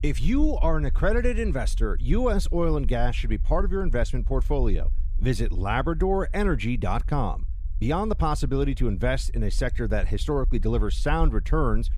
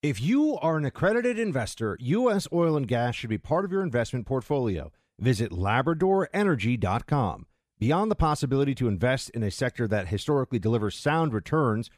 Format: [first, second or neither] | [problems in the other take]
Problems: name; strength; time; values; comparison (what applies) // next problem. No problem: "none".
second | low rumble; faint; throughout; 25 dB below the speech